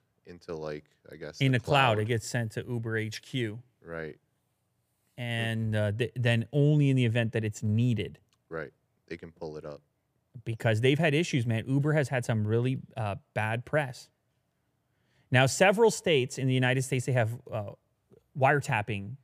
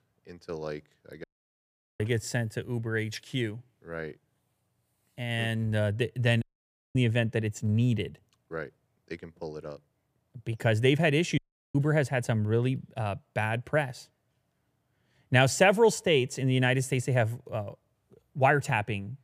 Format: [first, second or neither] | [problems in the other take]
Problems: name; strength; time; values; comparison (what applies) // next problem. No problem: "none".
first | audio cutting out; at 1 s for 1 s, at 6.5 s for 0.5 s and at 11 s